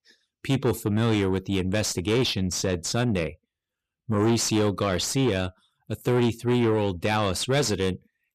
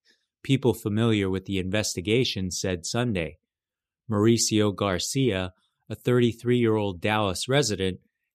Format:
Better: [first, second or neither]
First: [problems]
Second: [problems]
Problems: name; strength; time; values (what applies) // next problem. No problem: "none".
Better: second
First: distortion; slight; 10 dB below the speech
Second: none